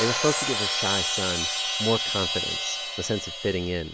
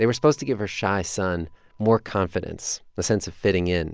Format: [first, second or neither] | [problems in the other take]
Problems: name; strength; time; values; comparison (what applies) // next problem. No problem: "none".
second | background sound (Chime + Hi-hat); 1 dB above the speech